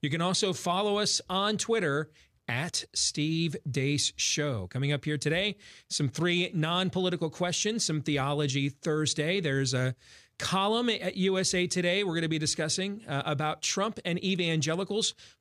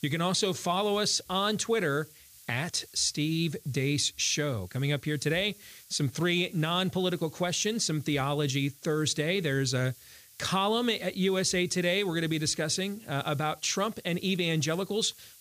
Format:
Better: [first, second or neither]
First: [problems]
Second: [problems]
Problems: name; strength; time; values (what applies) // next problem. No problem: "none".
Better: first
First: none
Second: hiss; faint; throughout; 20 dB below the speech